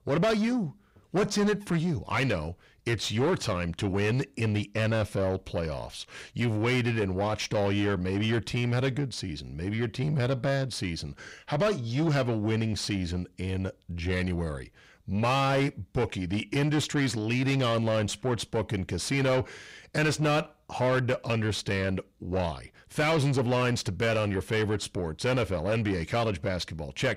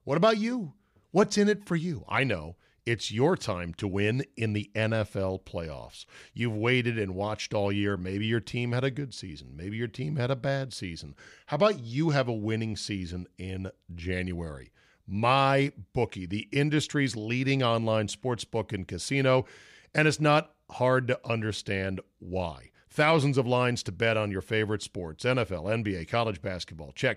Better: second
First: distortion; heavy; 8 dB below the speech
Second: none

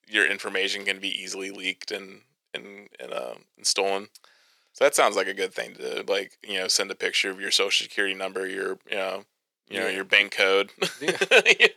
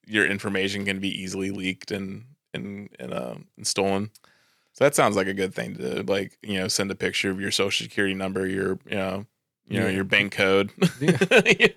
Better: second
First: thin; somewhat; fading below 500 Hz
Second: none

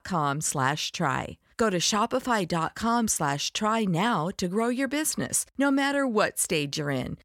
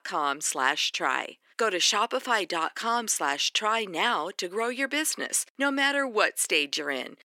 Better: first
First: none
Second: thin; somewhat; fading below 300 Hz

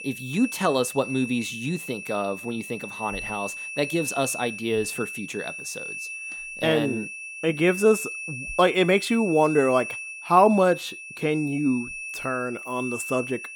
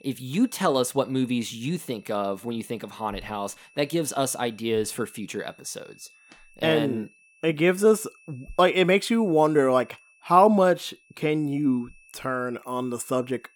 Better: second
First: high-pitched whine; loud; throughout; 2.5 kHz, 9 dB below the speech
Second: high-pitched whine; faint; throughout; 2.5 kHz, 30 dB below the speech

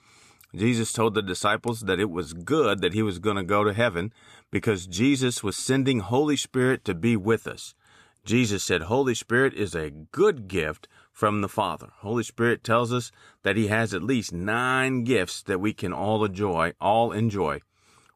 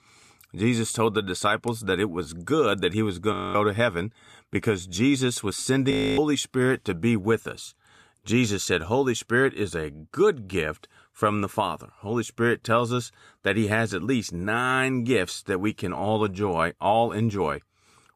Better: first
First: none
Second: audio freezing; at 3.5 s and at 6 s

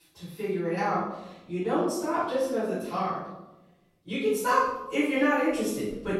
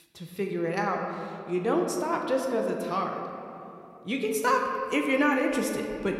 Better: second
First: room echo; strong; dies away in 0.9 s // off-mic speech; far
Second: room echo; slight; dies away in 2.2 s

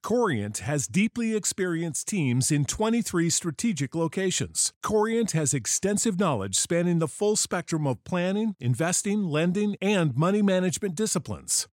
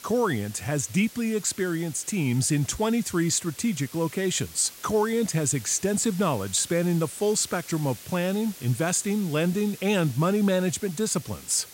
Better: first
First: none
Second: hiss; noticeable; throughout; 15 dB below the speech

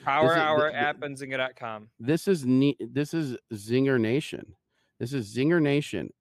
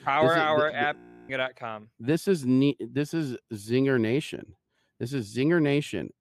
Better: first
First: none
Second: audio freezing; at 1 s

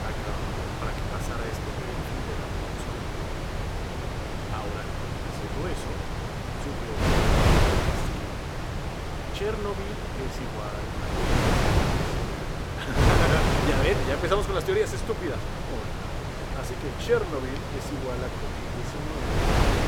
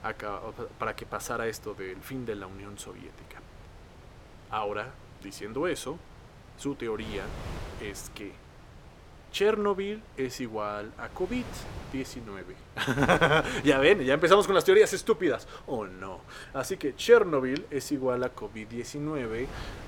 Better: second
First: wind noise on the microphone; heavy; 1 dB above the speech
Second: wind noise on the microphone; occasional gusts; 20 dB below the speech

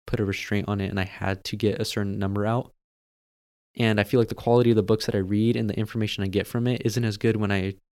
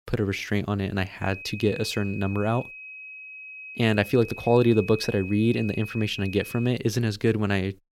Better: first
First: none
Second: high-pitched whine; noticeable; from 1 to 6.5 s; 2.5 kHz, 15 dB below the speech

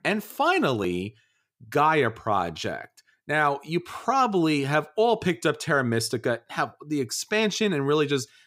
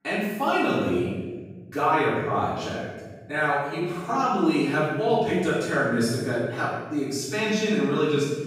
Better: first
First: none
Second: off-mic speech; far // room echo; strong; dies away in 1.3 s

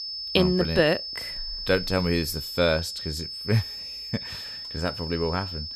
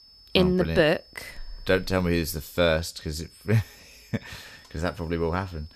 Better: second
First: high-pitched whine; loud; throughout; 5 kHz, 6 dB below the speech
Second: high-pitched whine; faint; throughout; 5 kHz, 25 dB below the speech

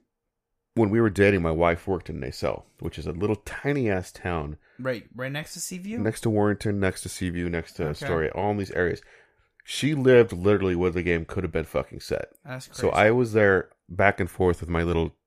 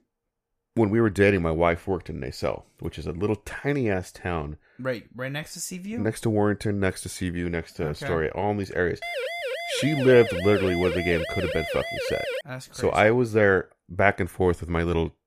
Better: first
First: none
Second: siren; noticeable; from 9 to 12 s; peak 4 dB below the speech

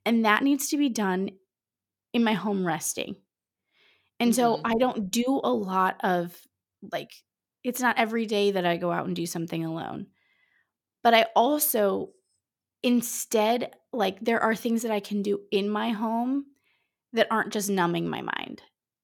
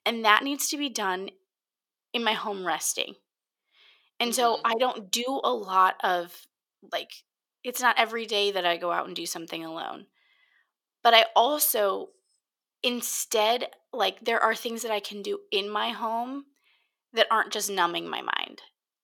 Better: first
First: none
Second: thin; somewhat; fading below 450 Hz

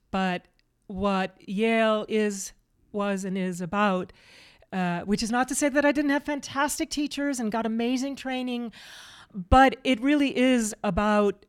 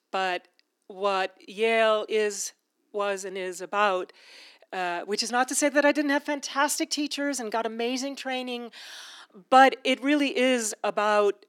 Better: first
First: none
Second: thin; very slightly; fading below 300 Hz

